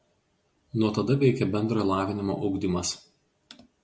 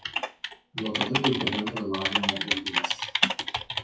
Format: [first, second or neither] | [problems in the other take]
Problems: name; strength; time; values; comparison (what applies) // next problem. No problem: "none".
first | noise reduction (classical method WPE with log-MMSE)